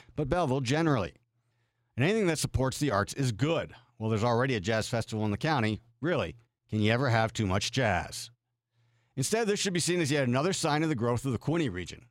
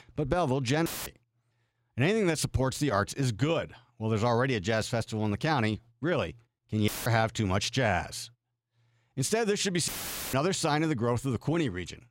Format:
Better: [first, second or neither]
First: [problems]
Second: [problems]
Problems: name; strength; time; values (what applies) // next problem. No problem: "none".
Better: first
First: none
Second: audio cutting out; filled with static; at 1 s, at 7 s and at 10 s